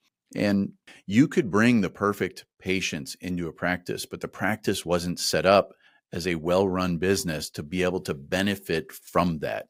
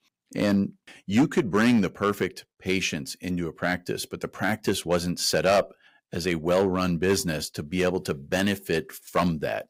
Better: first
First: none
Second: distortion; slight; 2% of the sound clipped

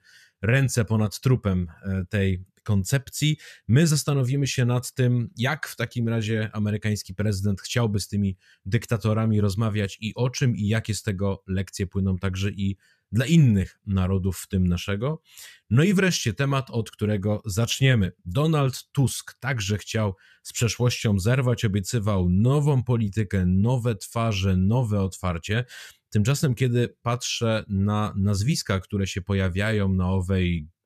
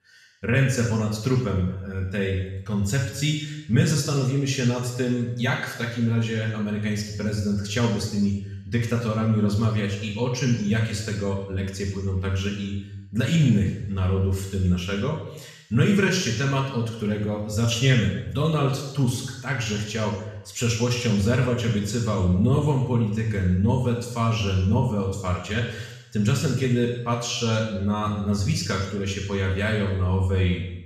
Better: first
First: none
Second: room echo; noticeable; dies away in 0.9 s // off-mic speech; far

